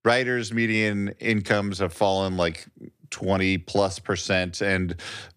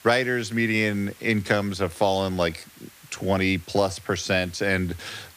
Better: first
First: none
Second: hiss; faint; throughout; 25 dB below the speech

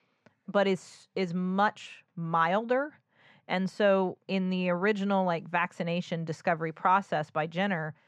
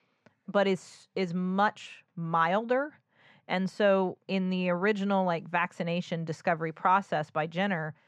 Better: neither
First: muffled; slightly; fading above 3 kHz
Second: muffled; slightly; fading above 3 kHz

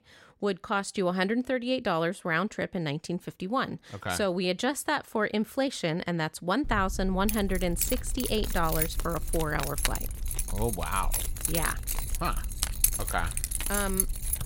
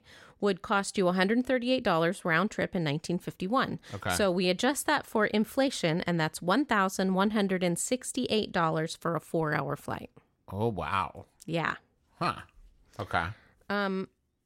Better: second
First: jangling keys; loud; from 6.5 s on; peak 5 dB above the speech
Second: none

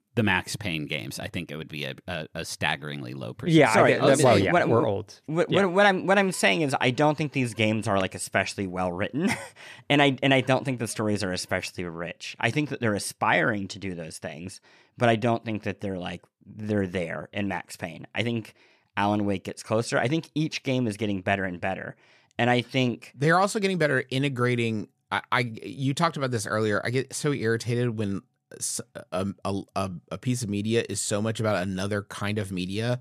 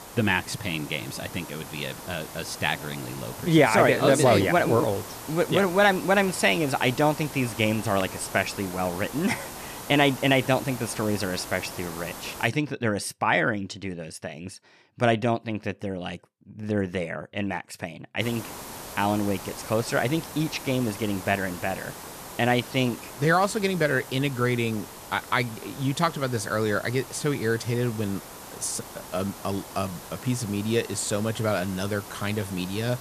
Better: first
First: none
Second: hiss; noticeable; until 12 s and from 18 s on; 15 dB below the speech

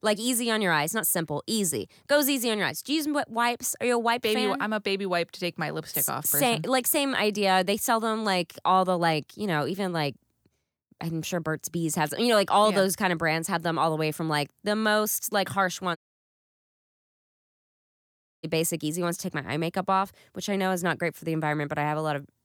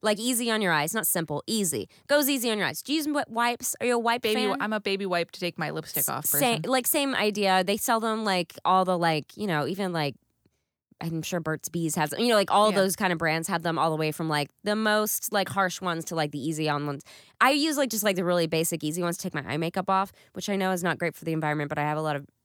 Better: second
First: audio cutting out; at 16 s for 2.5 s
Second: none

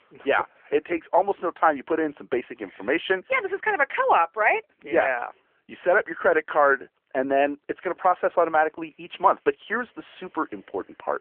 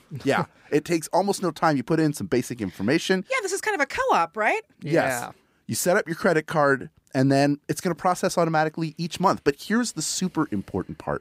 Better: second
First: phone-call audio; nothing above 3 kHz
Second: none

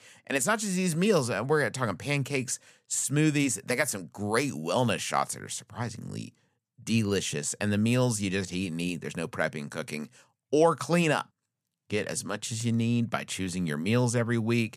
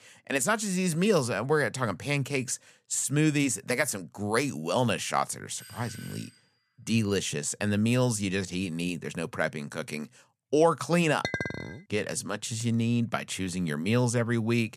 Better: first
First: none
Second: doorbell; faint; at 5.5 s; peak 15 dB below the speech // clattering dishes; noticeable; at 11 s; peak 4 dB below the speech

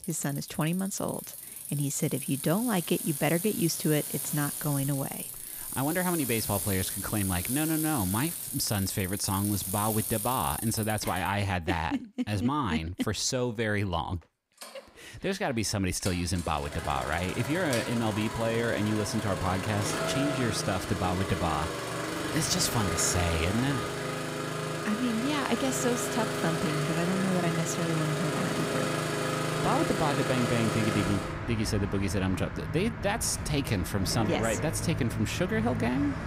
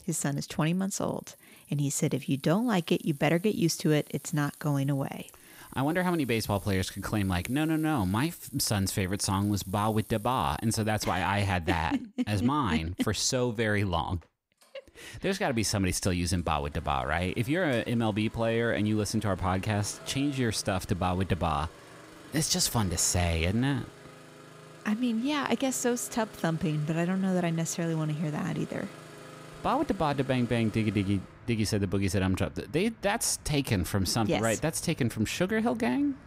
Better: second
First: traffic noise; loud; throughout; 3 dB below the speech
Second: traffic noise; faint; throughout; 20 dB below the speech

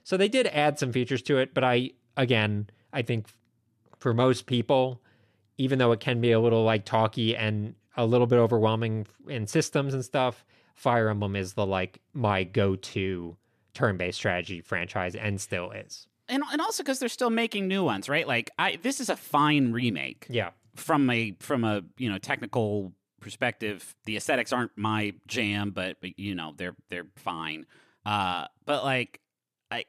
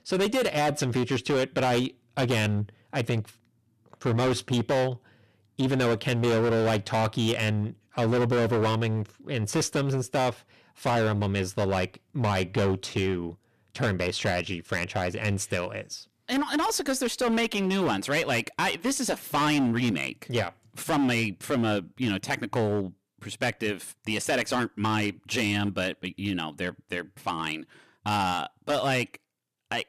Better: first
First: none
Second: distortion; heavy; 13% of the sound clipped

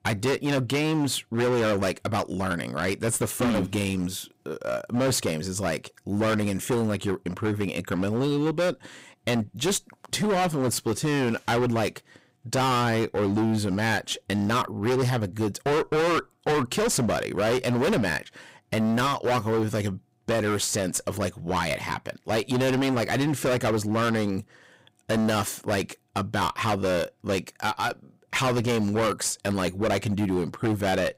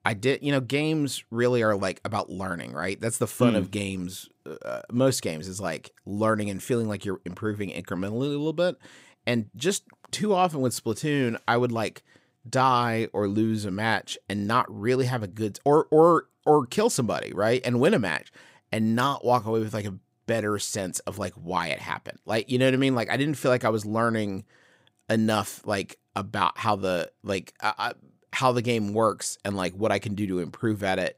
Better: second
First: distortion; heavy; 21% of the sound clipped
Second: none

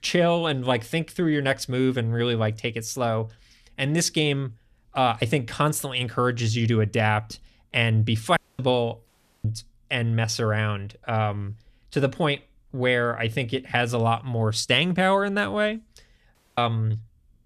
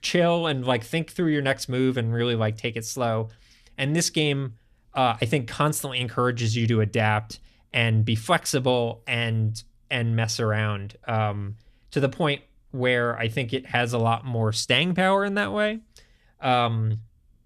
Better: second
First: audio cutting out; at 8.5 s, at 9 s and at 16 s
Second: none

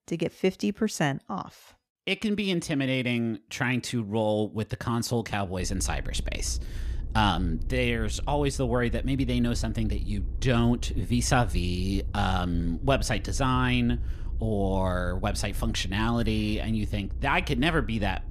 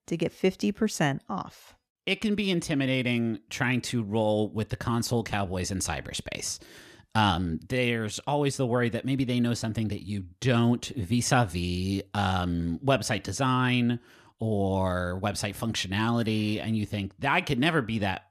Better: second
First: low rumble; faint; from 5.5 s on; 25 dB below the speech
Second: none

